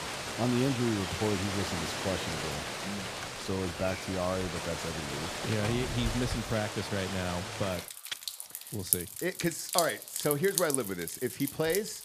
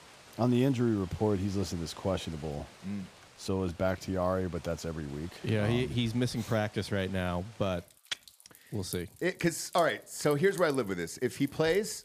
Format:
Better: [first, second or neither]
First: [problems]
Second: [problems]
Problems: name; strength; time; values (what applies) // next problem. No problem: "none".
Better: second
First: rain or running water; loud; throughout; 2 dB below the speech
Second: rain or running water; faint; throughout; 20 dB below the speech